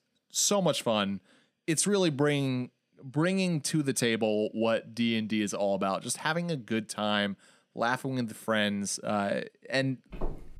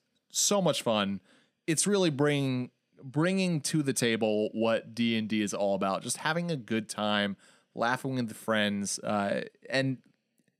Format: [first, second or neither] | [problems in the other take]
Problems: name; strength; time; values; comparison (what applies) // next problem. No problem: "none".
second | footsteps; faint; at 10 s; peak 10 dB below the speech